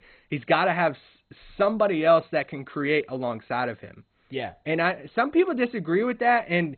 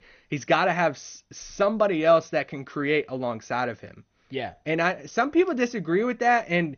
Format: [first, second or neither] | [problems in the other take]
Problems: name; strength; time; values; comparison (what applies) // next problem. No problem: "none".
second | garbled, watery; badly; nothing above 4 kHz; slightly in the second